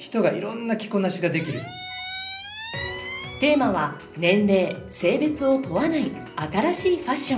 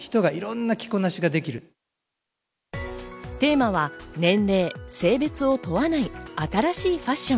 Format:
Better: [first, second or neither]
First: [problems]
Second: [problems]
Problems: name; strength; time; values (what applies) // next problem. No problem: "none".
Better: second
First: background sound (Squeak); 11 dB below the speech // room echo; dies away in 0.5 s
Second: none